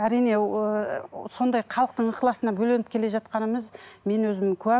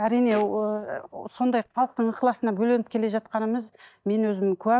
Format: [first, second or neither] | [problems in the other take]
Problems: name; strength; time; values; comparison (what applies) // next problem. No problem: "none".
first | noise reduction (neural mask model DeepFilterNet 3)